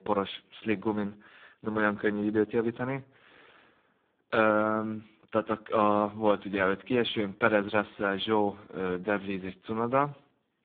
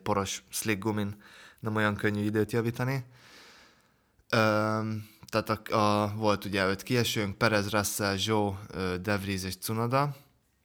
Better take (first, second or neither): second